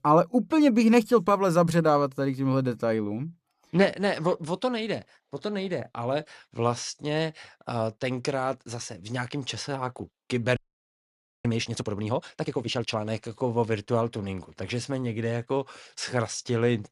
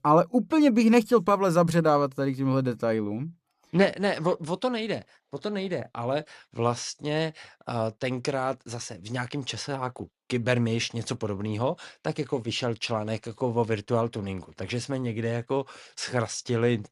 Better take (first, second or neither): second